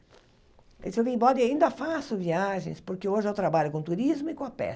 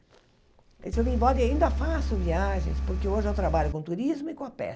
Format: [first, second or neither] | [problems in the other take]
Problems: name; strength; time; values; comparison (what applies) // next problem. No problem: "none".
first | background sound (Engine); 2 dB above the speech